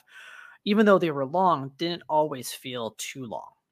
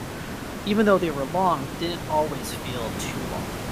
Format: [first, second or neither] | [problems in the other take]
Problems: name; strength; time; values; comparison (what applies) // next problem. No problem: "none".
first | hiss; loud; throughout; 7 dB below the speech